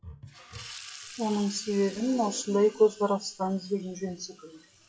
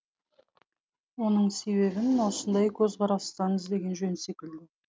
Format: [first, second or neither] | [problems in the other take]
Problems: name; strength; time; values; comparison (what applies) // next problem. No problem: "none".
second | noise reduction (classical method WPE with log-MMSE)